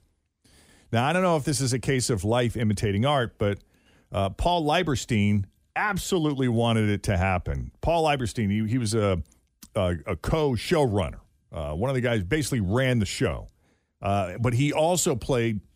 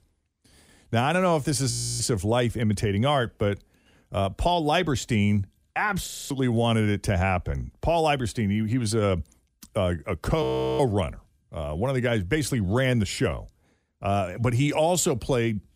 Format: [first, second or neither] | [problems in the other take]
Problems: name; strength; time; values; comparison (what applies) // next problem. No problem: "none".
first | audio freezing; at 1.5 s, at 6 s and at 10 s